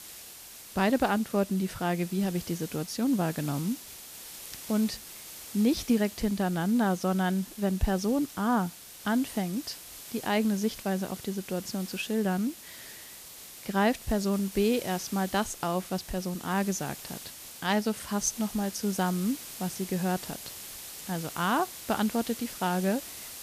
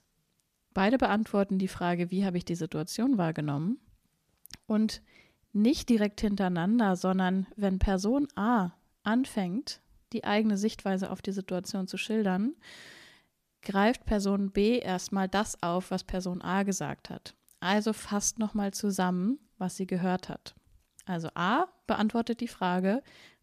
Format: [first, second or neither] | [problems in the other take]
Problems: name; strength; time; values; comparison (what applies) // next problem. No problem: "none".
second | hiss; noticeable; throughout; 10 dB below the speech